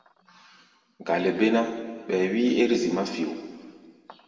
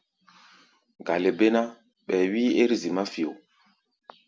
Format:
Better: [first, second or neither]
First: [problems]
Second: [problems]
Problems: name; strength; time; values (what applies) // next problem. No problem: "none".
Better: second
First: room echo; dies away in 1.7 s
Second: none